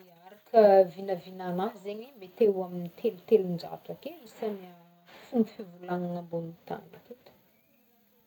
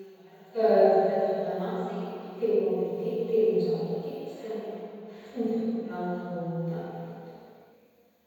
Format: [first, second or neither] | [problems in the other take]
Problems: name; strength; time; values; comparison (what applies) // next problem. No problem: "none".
first | room echo; dies away in 2.1 s